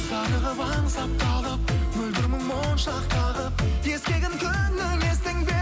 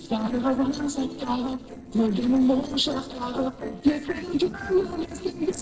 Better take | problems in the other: first | noise reduction (neural separator model SepFormer DNS4)

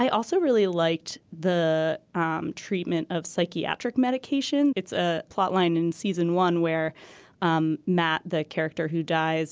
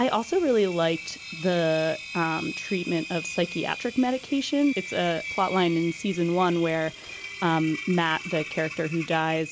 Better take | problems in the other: first | background sound (Engine); 12 dB below the speech

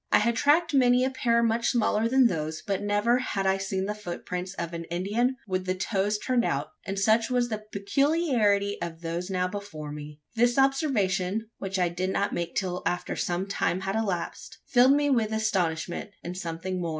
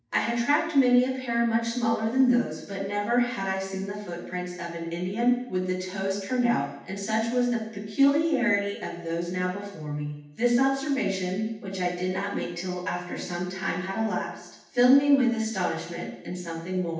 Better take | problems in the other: first | room echo; dies away in 0.9 s

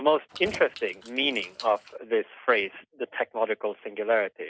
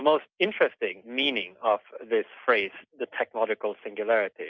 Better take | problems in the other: second | background sound (Keys jangling); 18 dB below the speech

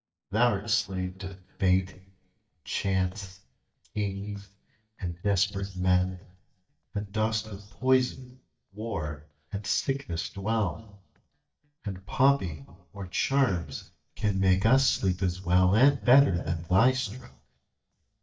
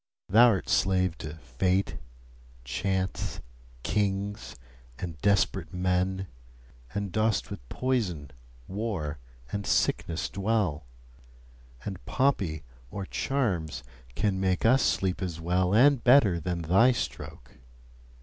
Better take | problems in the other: second | noise reduction (neural mask model DeepFilterNet 3)

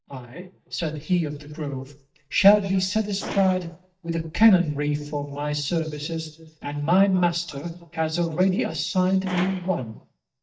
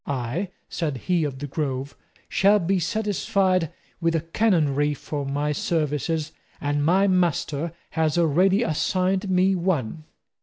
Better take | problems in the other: second | noise reduction (neural mask model DeepFilterNet 3)

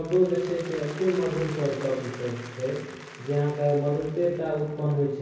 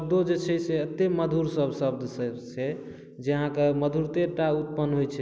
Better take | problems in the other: second | background sound (Applause); 18 dB below the speech // room echo; dies away in 0.6 s

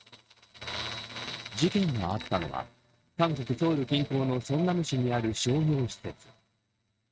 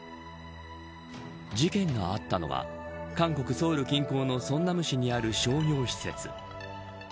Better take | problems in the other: second | noise reduction (neural mask model RNNoise)

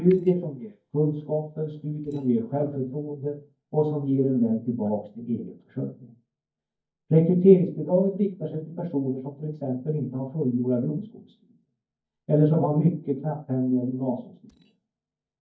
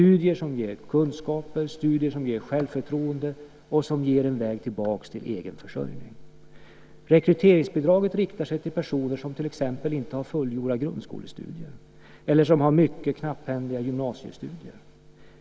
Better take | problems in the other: second | noise reduction (neural mask model DeepFilterNet 3)

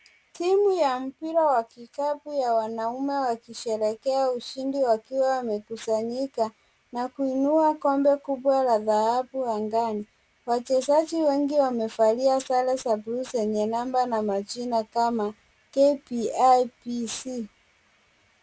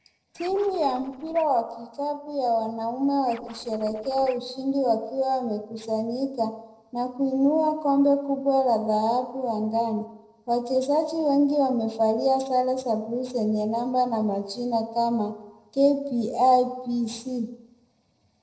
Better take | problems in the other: first | noise reduction (neural separator model SepFormer DNS4)

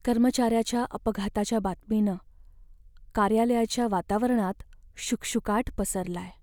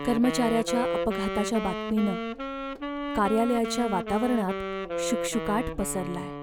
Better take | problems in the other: first | background sound (Wind instrument, woodwind instrument); 4 dB below the speech

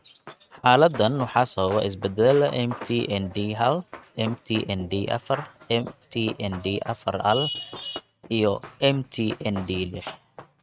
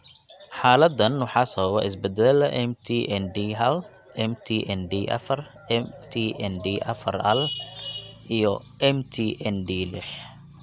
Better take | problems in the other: second | noise reduction (neural mask model RNNoise)

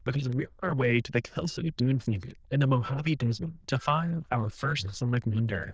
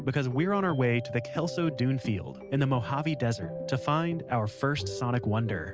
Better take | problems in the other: second | noise reduction (neural diffusion model UNIVERSE++)

